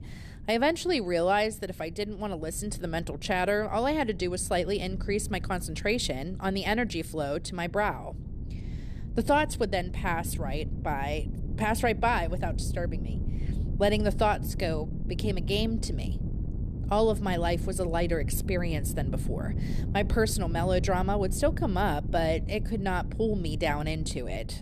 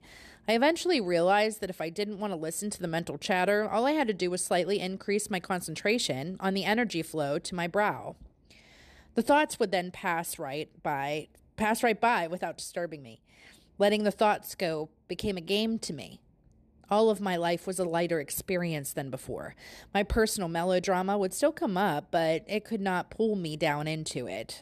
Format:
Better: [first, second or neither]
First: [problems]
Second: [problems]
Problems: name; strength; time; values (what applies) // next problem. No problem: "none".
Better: second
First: wind noise on the microphone; occasional gusts; 15 dB below the speech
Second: none